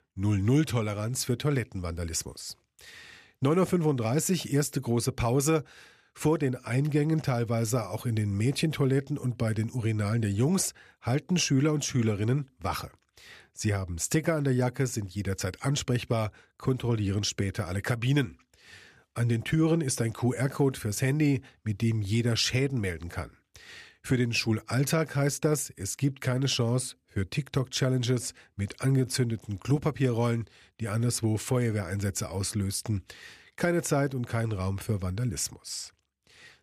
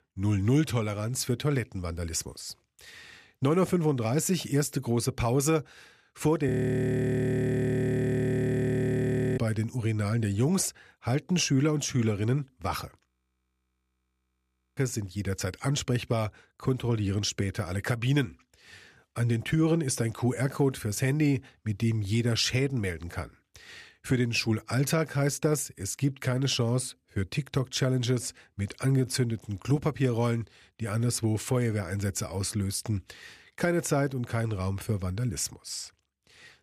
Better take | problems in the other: first | audio freezing; at 6.5 s for 3 s and at 13 s for 1.5 s

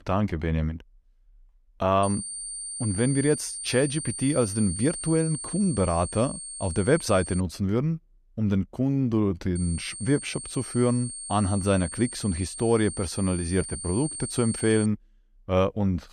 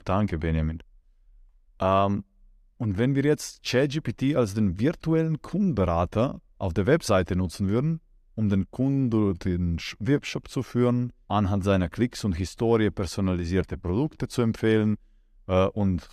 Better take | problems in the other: second | high-pitched whine; loud; from 2 to 7.5 s and from 9.5 to 15 s; 9 kHz, 8 dB below the speech

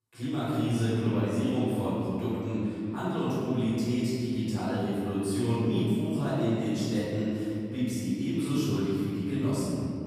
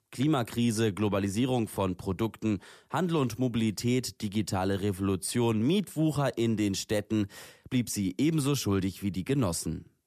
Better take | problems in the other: second | off-mic speech; far // room echo; strong; dies away in 2.9 s

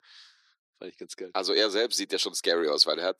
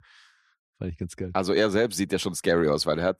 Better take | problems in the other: second | thin; somewhat; fading below 350 Hz

